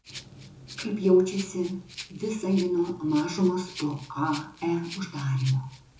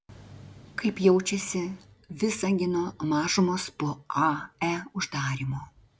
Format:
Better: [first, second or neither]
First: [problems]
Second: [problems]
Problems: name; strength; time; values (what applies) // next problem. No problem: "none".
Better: second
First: background sound (Rattle (instrument)); 18 dB below the speech // room echo; dies away in 0.6 s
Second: none